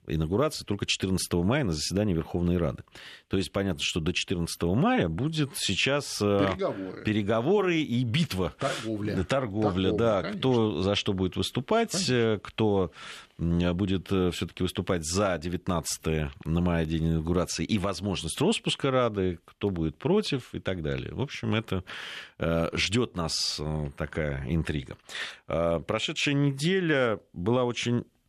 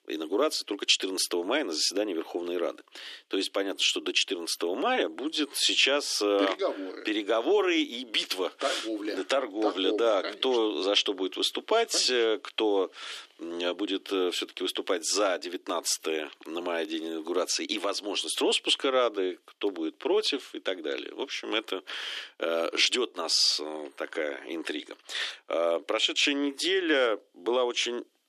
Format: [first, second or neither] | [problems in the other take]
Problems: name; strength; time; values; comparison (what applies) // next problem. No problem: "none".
first | thin; somewhat; fading below 300 Hz